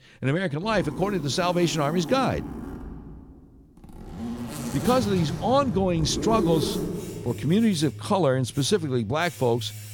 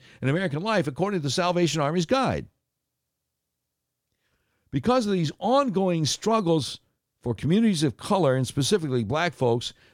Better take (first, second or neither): second